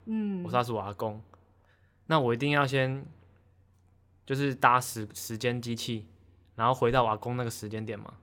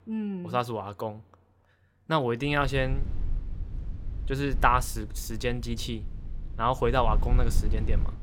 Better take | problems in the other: first | low rumble; faint; from 2.5 s on; 20 dB below the speech

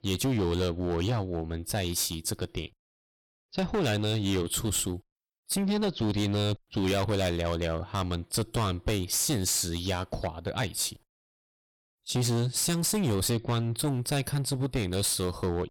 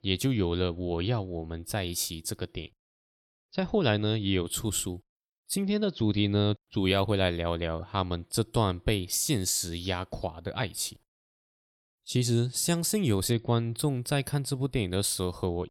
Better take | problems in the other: second | distortion; heavy; 14% of the sound clipped

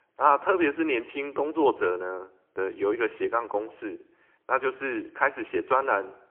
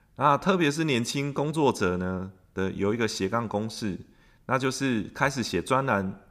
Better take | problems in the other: second | phone-call audio; poor line

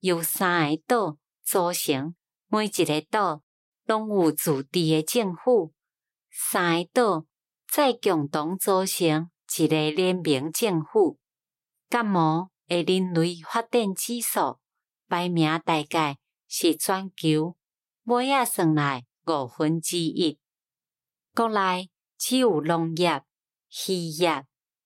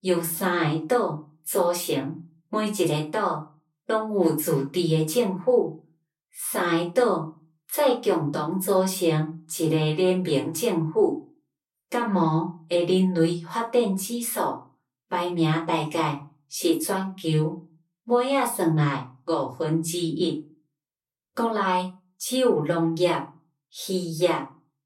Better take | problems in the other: first | room echo; slight; dies away in 0.3 s // off-mic speech; far

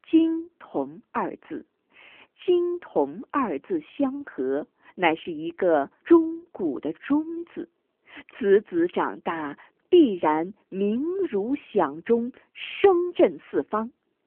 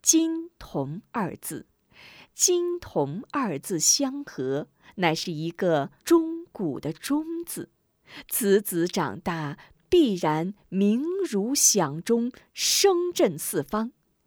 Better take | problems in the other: second | phone-call audio

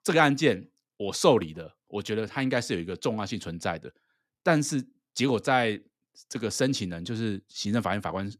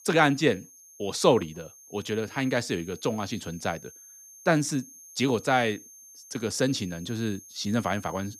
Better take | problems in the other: first | high-pitched whine; noticeable; throughout; 6.5 kHz, 20 dB below the speech

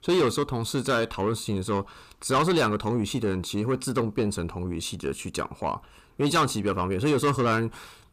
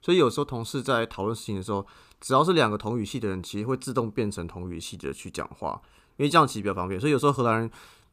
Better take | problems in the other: second | distortion; heavy; 8 dB below the speech

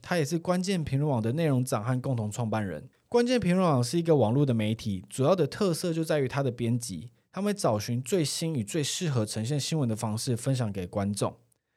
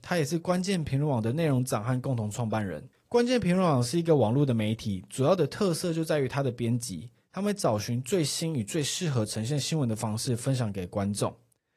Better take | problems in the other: first | garbled, watery; slightly

